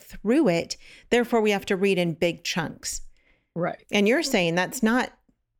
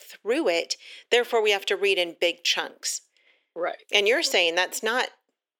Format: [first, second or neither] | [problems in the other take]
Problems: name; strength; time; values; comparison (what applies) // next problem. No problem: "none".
first | thin; very; fading below 400 Hz